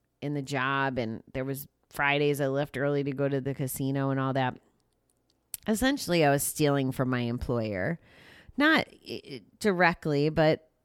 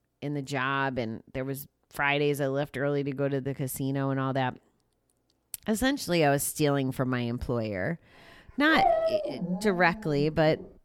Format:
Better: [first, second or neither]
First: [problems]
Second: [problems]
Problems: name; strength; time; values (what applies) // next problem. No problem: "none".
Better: first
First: none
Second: dog barking; loud; from 8.5 s on; peak 4 dB above the speech